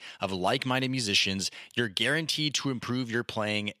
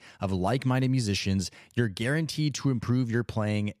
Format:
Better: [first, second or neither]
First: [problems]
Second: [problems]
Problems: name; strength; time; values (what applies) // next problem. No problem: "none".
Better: second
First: thin; somewhat; fading below 450 Hz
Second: none